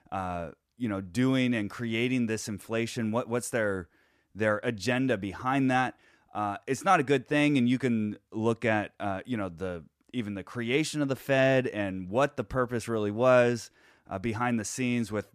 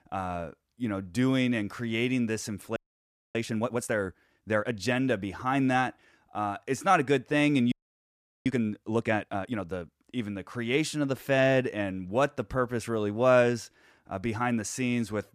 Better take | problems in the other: first | audio freezing; at 3 s for 0.5 s and at 7.5 s for 0.5 s

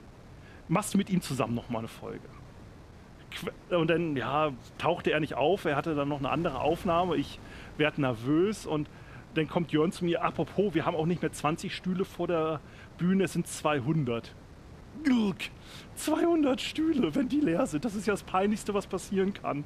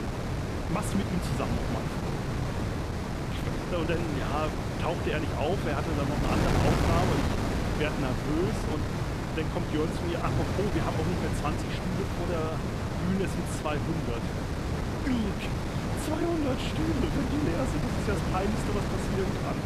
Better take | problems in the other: first | wind noise on the microphone; heavy; as loud as the speech; occasional gusts in the first

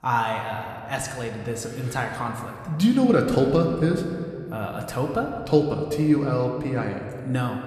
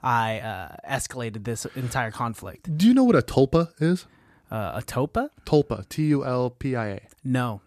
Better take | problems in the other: second | room echo; slight; dies away in 1.9 s

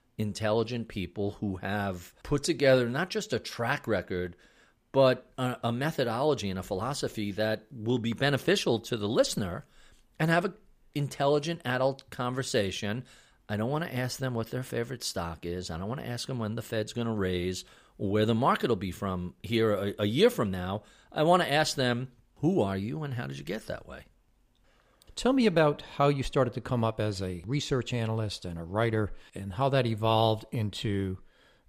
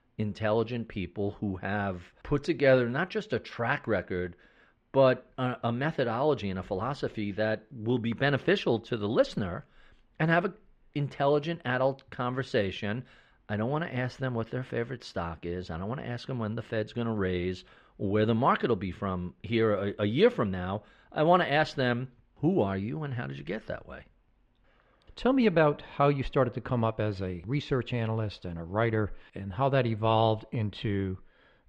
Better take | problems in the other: first | muffled; slightly; fading above 2.5 kHz

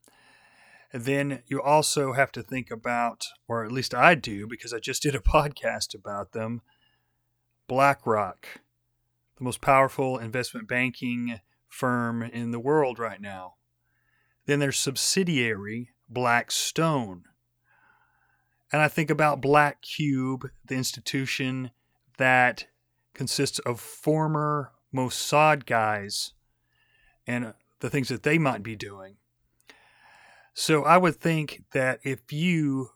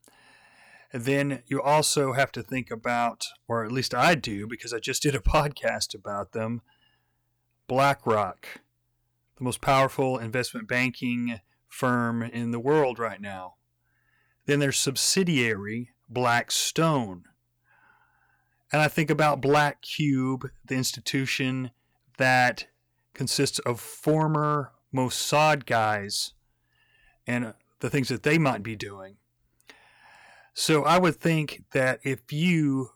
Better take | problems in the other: first | distortion; slight; 2% of the sound clipped

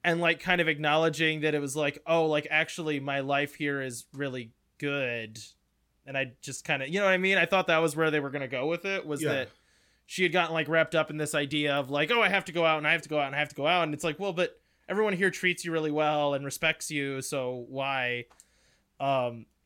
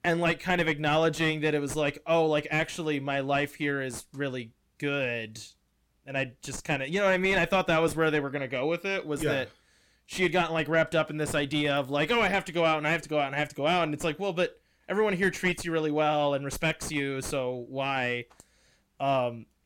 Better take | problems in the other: first | distortion; slight; 9 dB below the speech

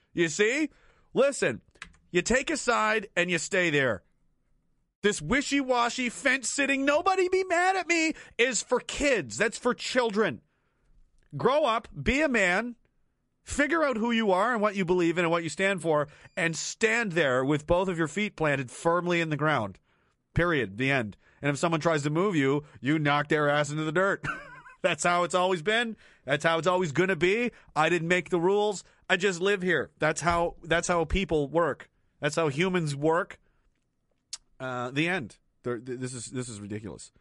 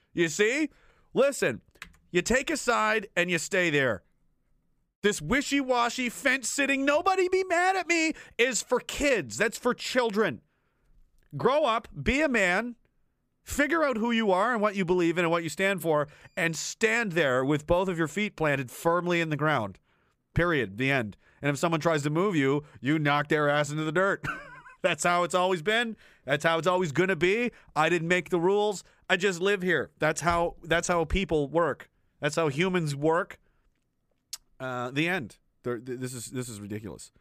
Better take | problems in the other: second | garbled, watery; slightly; nothing above 11 kHz

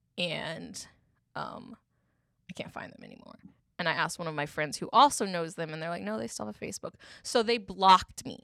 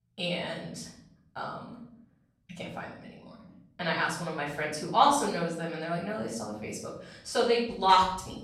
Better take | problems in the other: first | off-mic speech; far // room echo; noticeable; dies away in 0.7 s

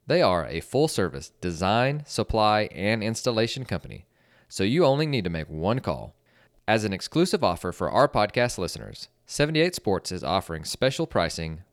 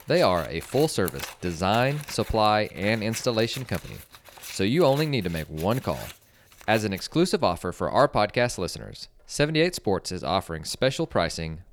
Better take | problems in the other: first | household noises; noticeable; throughout; 15 dB below the speech

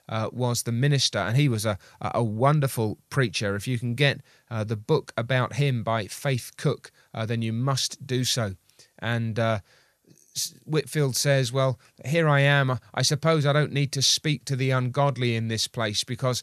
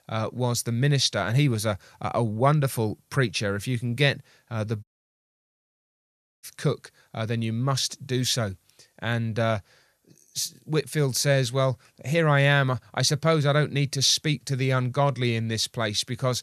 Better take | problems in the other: first | audio cutting out; at 5 s for 1.5 s

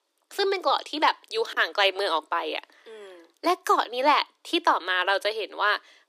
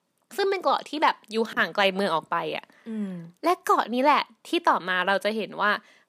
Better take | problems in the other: second | thin; somewhat; fading below 300 Hz

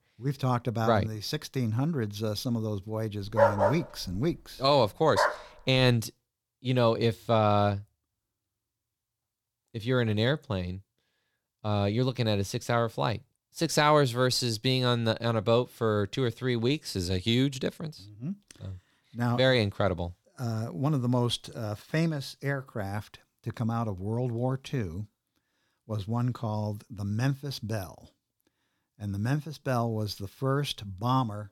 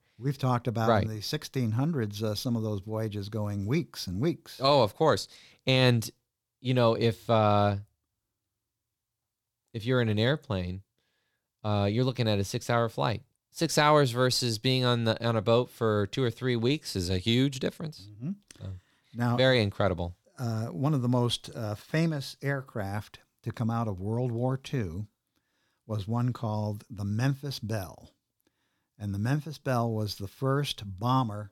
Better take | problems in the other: second | dog barking; loud; from 3.5 to 5.5 s; peak 5 dB above the speech

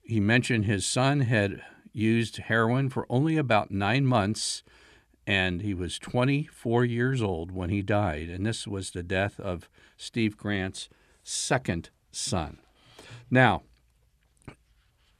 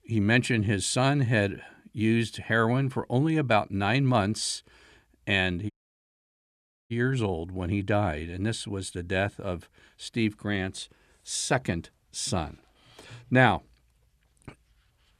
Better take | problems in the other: first | audio cutting out; at 5.5 s for 1 s

